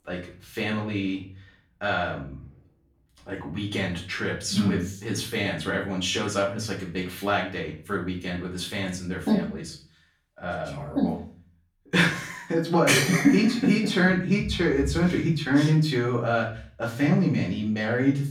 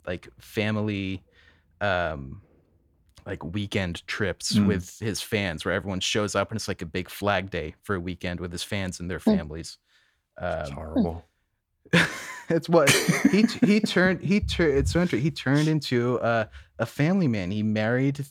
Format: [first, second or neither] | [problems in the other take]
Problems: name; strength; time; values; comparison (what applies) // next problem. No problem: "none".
second | room echo; slight; dies away in 0.4 s // off-mic speech; far